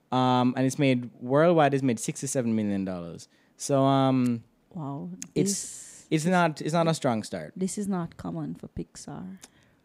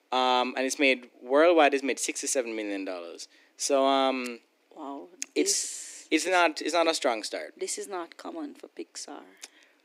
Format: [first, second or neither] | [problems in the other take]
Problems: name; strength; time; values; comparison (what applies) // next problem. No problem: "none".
first | thin; somewhat; fading below 300 Hz